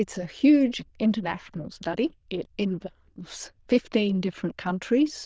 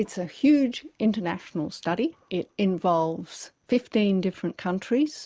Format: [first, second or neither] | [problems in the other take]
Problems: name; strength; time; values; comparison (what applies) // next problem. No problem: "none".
second | noise reduction (neural diffusion model UNIVERSE++)